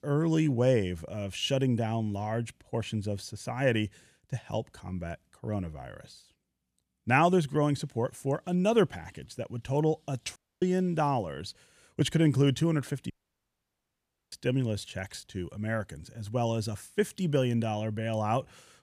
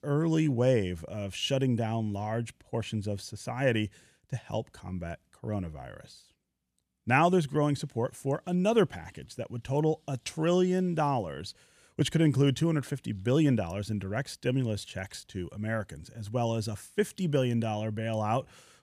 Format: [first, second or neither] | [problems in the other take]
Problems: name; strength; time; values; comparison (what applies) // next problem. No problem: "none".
second | audio cutting out; at 10 s and at 13 s for 1 s